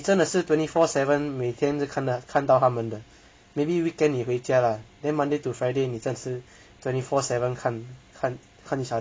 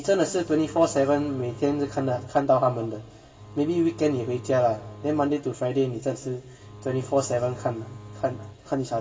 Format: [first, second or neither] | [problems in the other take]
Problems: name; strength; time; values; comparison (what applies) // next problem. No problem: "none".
first | background sound (Bowed string instrument); 17 dB below the speech // room echo; dies away in 2 s